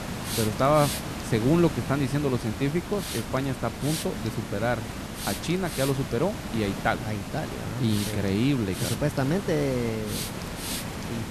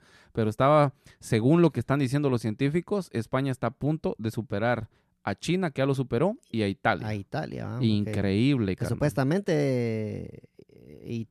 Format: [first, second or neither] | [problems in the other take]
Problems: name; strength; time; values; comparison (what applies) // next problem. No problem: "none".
second | hiss; loud; throughout; 6 dB below the speech